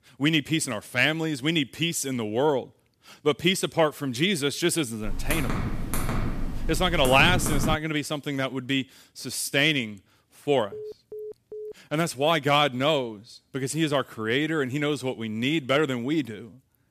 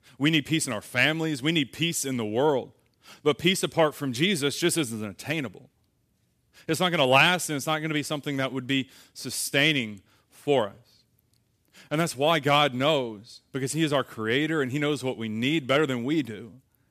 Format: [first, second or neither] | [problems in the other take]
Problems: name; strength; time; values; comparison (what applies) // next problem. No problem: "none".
second | keyboard typing; noticeable; from 5 to 8 s; peak 2 dB below the speech // phone ringing; faint; from 11 to 12 s; peak 15 dB below the speech